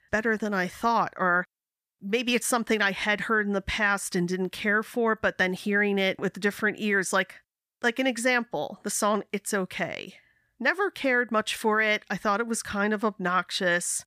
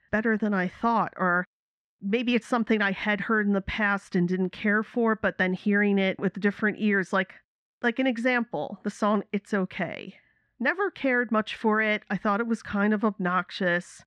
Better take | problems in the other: first | muffled; slightly; fading above 3 kHz

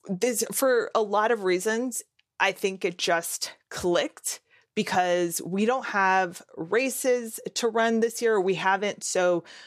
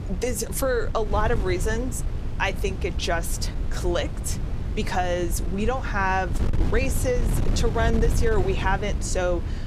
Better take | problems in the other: first | wind noise on the microphone; occasional gusts; 10 dB below the speech

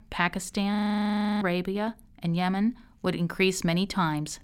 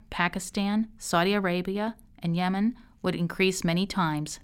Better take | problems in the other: second | audio freezing; at 1 s for 0.5 s

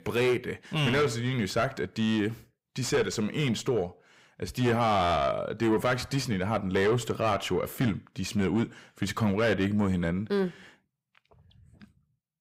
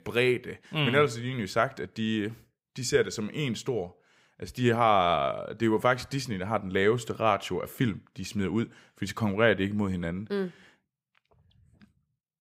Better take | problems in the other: second | distortion; heavy; 7 dB below the speech

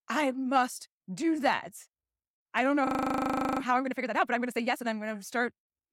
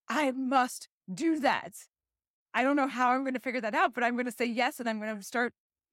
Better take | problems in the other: second | audio freezing; at 3 s for 0.5 s

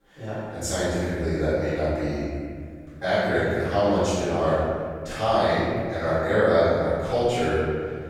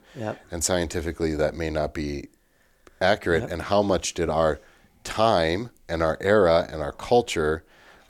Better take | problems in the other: second | room echo; strong; dies away in 2.3 s // off-mic speech; far

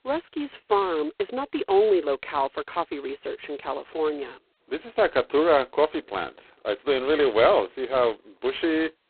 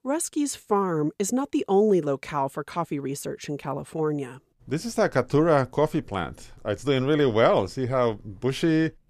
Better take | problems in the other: second | phone-call audio; poor line; nothing above 4 kHz

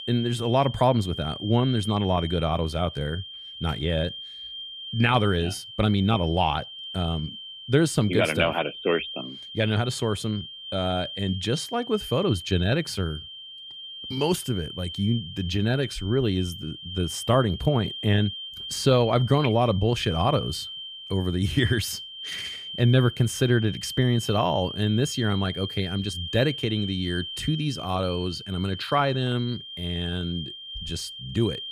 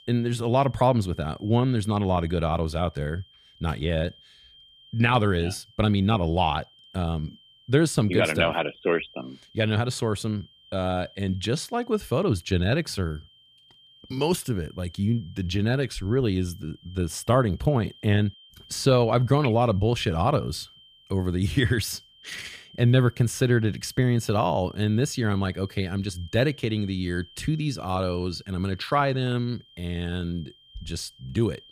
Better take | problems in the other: second | high-pitched whine; loud; throughout; 3 kHz, 10 dB below the speech; faint in the second

